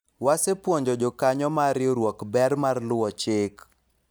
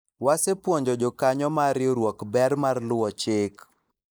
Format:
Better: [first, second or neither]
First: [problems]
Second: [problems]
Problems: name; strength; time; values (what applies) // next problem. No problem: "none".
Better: first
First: none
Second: noise reduction (neural mask model Resemble Enhance denoiser)